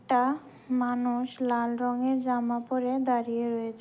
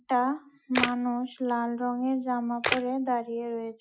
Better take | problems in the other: first | noise reduction (classical method Wiener filter)

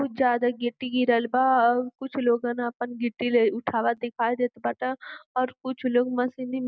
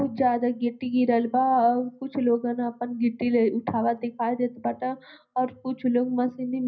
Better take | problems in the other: first | room echo; dies away in 0.4 s

